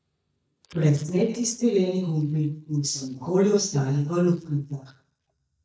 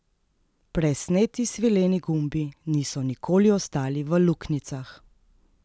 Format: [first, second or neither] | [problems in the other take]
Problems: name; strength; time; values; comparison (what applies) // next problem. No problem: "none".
second | noise reduction (neural mask model DeepFilterNet 3)